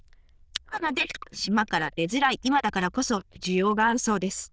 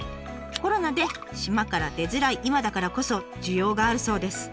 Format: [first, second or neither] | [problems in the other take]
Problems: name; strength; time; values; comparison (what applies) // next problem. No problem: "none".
second | noise reduction (neural diffusion model UNIVERSE++)